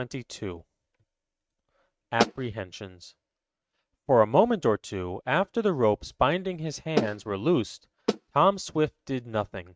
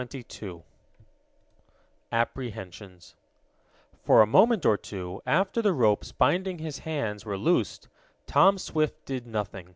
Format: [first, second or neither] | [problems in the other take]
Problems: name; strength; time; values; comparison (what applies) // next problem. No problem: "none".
second | noise reduction (neural mask model RNNoise)